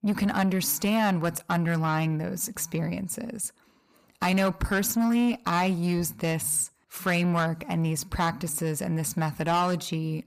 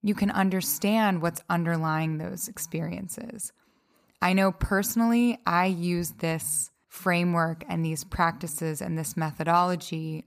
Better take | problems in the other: second | distortion; slight; 10 dB below the speech

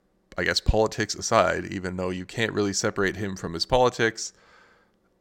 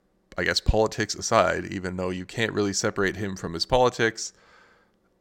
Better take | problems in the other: neither | none

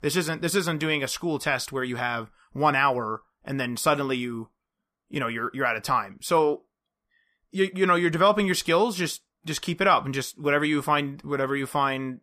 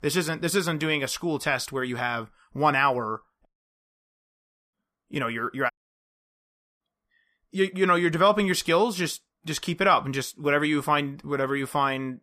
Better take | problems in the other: first | audio cutting out; at 3.5 s for 1.5 s and at 5.5 s for 1 s

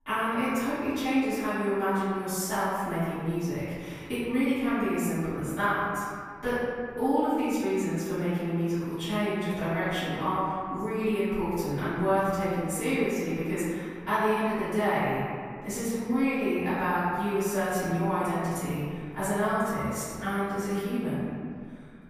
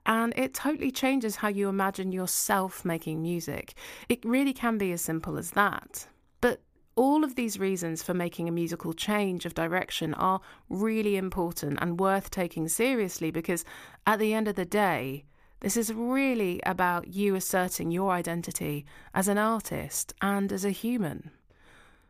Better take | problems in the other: second | off-mic speech; far // room echo; strong; dies away in 2.1 s

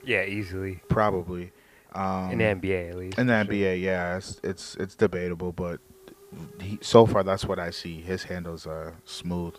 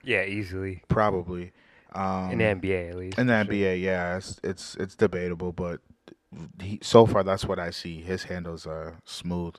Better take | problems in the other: second | hiss; faint; throughout; 30 dB below the speech

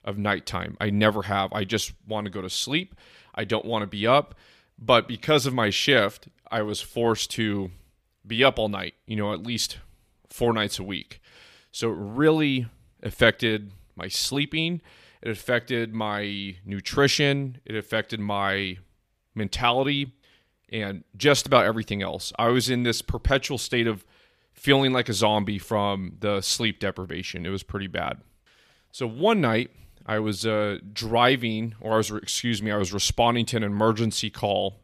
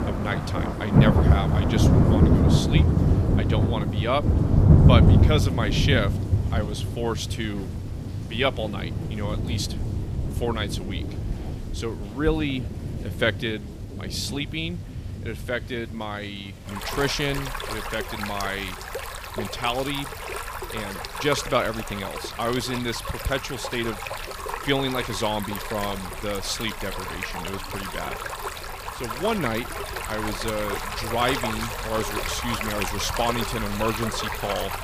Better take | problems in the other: first | rain or running water; very loud; throughout; 3 dB above the speech

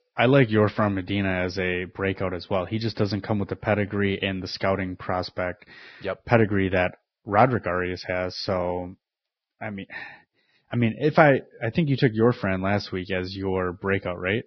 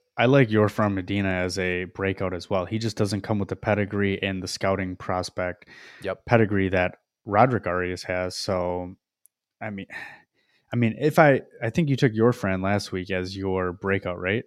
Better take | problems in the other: second | garbled, watery; badly; nothing above 5.5 kHz

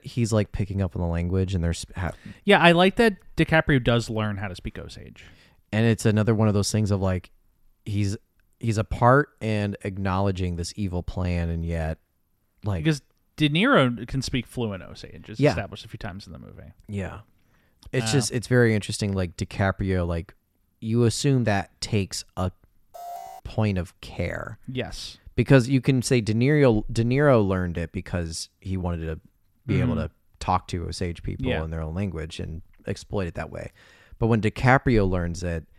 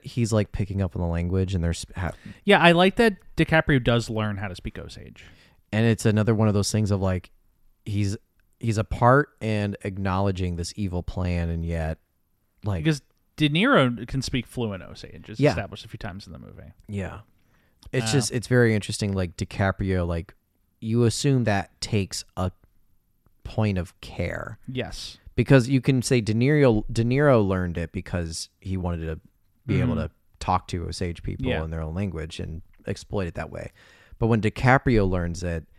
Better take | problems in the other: second | alarm; faint; at 23 s; peak 15 dB below the speech

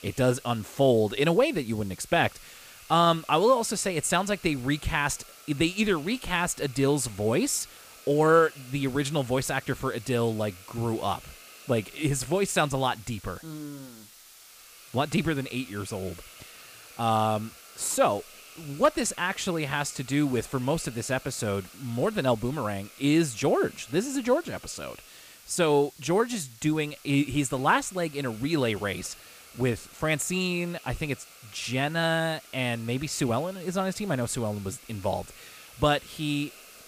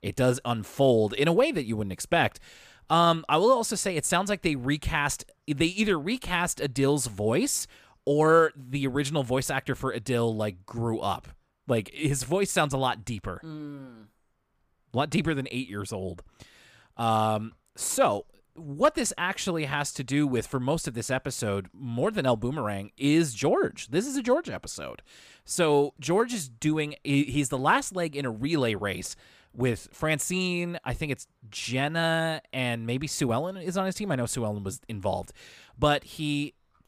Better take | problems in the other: second | hiss; faint; throughout; 20 dB below the speech

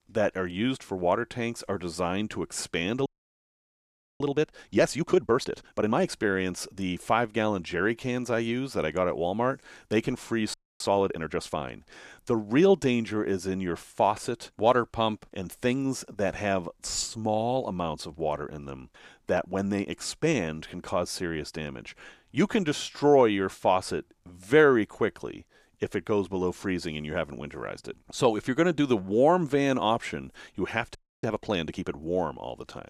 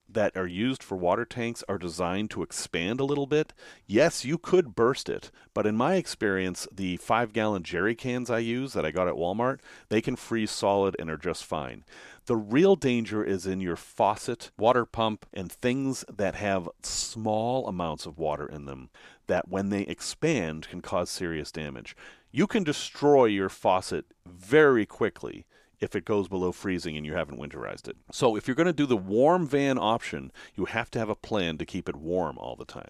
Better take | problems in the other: second | audio freezing; at 3 s for 1 s, at 11 s and at 31 s

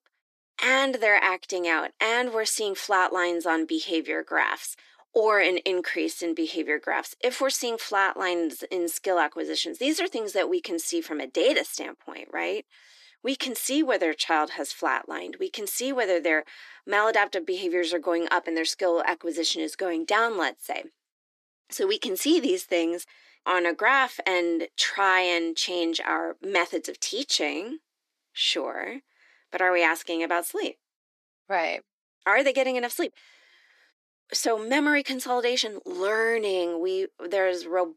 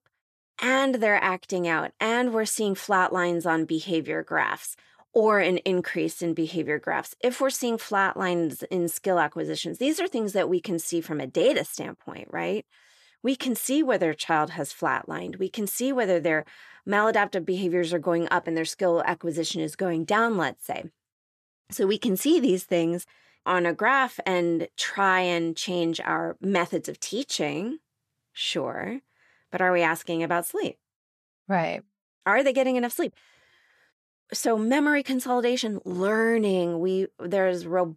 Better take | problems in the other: second | thin; very slightly; fading below 300 Hz

